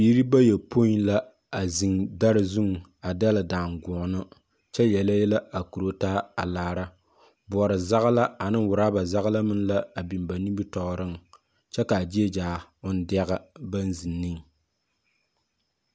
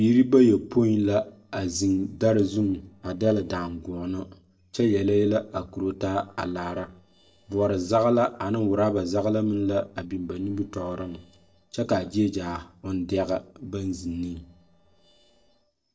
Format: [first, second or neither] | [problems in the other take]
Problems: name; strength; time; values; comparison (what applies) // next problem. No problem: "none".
first | noise reduction (neural separator model SepFormer DNS4)